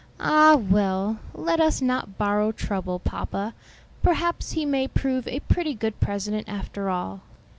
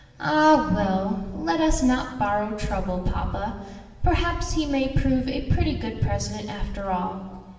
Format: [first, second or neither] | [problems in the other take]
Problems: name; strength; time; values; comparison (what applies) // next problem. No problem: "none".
first | room echo; dies away in 1.2 s